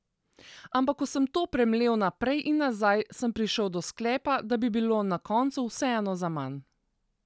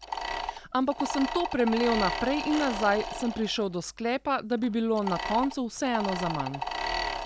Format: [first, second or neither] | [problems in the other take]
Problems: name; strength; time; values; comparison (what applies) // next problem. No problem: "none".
first | background sound (Mechanisms); 6 dB below the speech